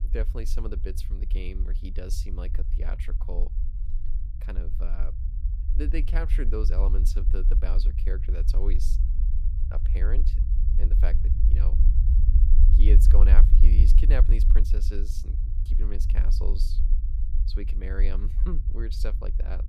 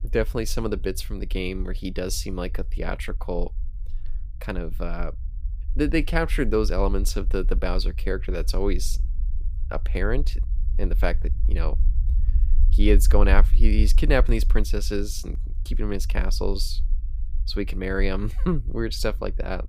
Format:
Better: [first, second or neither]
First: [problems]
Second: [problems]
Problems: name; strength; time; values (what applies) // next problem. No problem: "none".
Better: second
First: low rumble; loud; throughout; 6 dB below the speech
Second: low rumble; faint; throughout; 20 dB below the speech